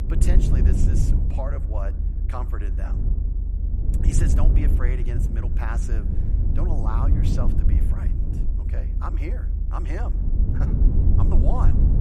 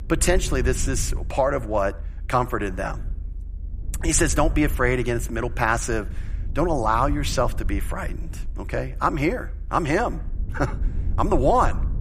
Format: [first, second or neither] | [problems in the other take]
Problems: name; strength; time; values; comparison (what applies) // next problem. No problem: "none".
second | low rumble; loud; throughout; 2 dB below the speech; faint in the second